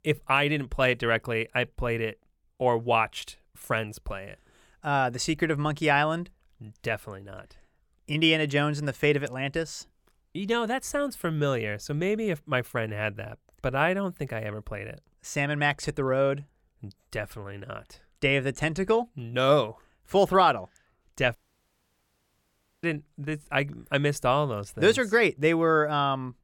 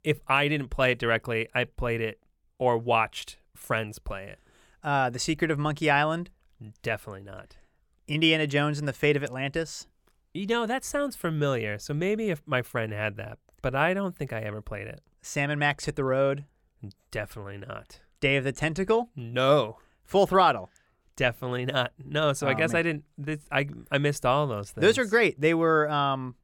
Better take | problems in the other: second | audio cutting out; at 21 s for 1.5 s

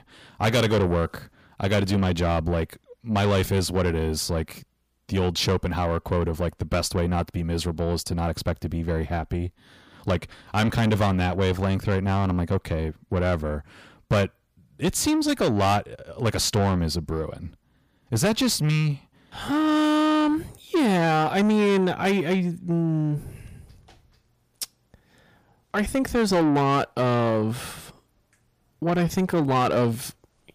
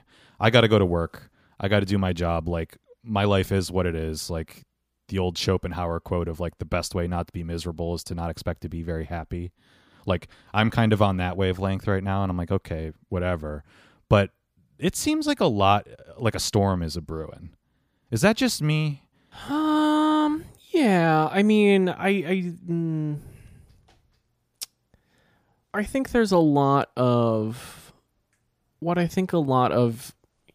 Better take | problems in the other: second | distortion; heavy; 8 dB below the speech

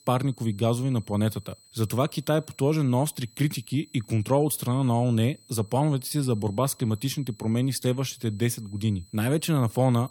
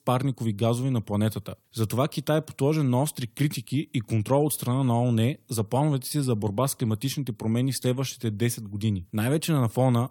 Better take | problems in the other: second | high-pitched whine; faint; throughout; 4 kHz, 30 dB below the speech

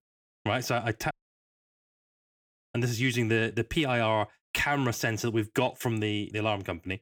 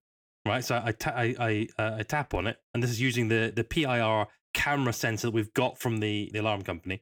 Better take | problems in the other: second | audio cutting out; at 1 s for 1.5 s

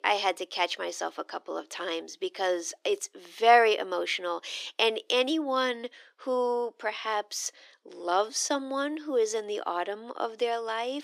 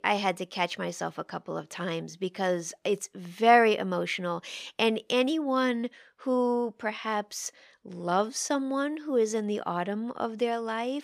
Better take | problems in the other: second | thin; somewhat; fading below 300 Hz

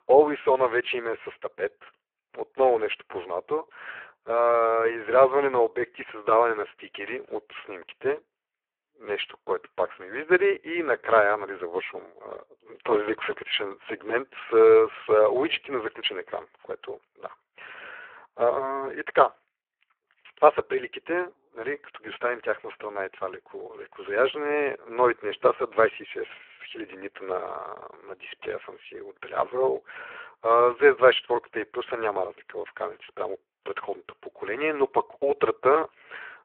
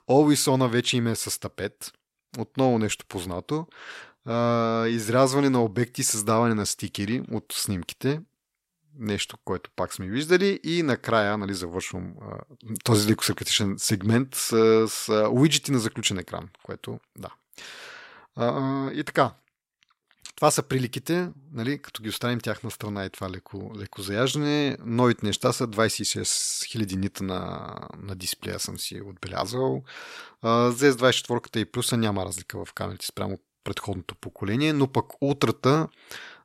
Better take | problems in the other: second | phone-call audio; poor line

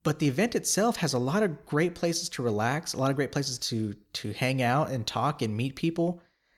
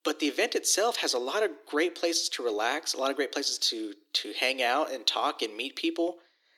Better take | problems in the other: first | thin; somewhat; fading below 300 Hz

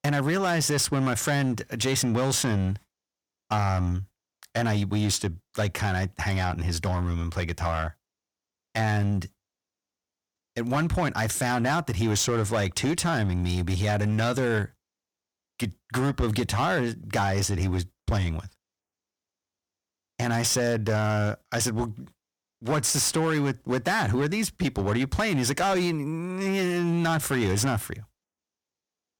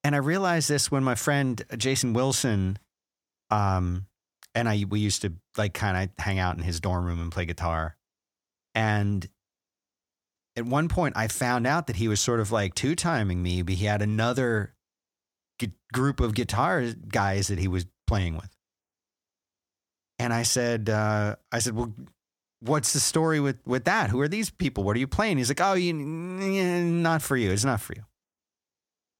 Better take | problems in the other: second | distortion; slight; 10% of the sound clipped

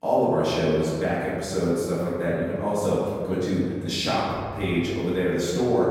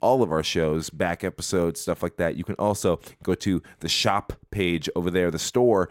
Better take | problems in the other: second | off-mic speech; far // room echo; strong; dies away in 2.1 s

